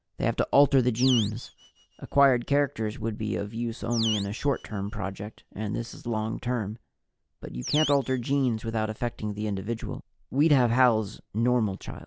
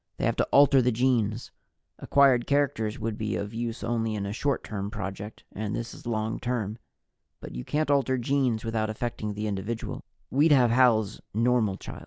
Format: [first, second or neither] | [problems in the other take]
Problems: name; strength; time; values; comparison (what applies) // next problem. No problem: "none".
second | background sound (Animal); 13 dB below the speech